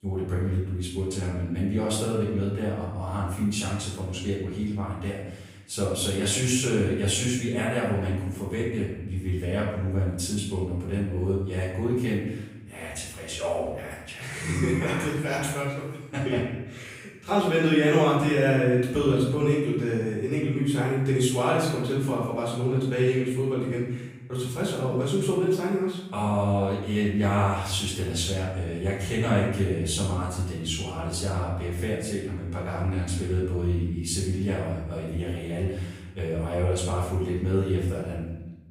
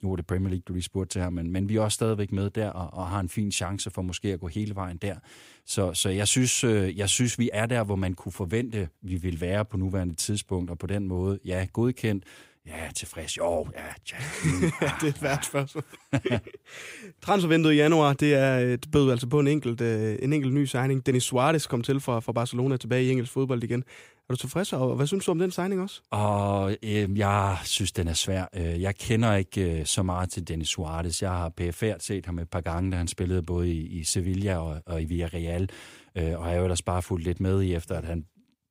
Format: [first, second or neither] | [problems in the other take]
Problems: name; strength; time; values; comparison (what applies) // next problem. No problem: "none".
second | room echo; noticeable; dies away in 0.8 s // off-mic speech; far